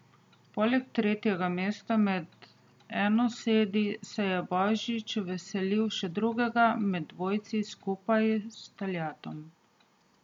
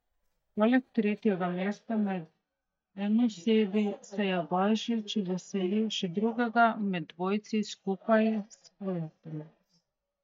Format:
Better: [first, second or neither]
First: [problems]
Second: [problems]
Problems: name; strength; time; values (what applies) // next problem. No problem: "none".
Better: first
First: none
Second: noise reduction (neural mask model DeepFilterNet 3)